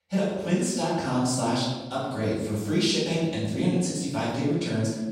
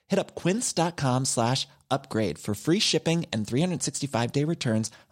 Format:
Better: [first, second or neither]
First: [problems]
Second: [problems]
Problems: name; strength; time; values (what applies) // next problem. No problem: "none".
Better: second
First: off-mic speech; far // room echo; strong; dies away in 1 s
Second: none